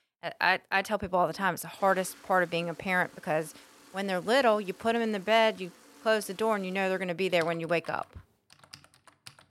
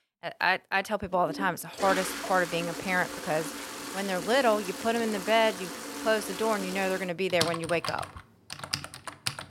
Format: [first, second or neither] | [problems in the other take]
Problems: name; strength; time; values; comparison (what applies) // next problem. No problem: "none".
first | household noises; loud; throughout; 8 dB below the speech; faint in the first